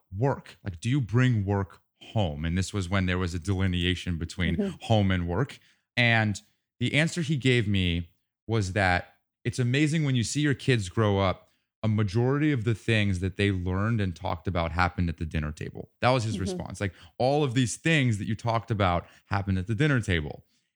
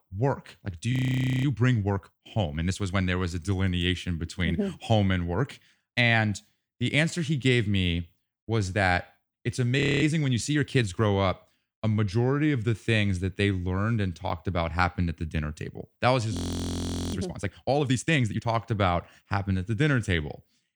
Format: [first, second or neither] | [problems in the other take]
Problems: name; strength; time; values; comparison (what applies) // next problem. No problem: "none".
first | audio freezing; at 1 s for 0.5 s, at 10 s and at 16 s for 1 s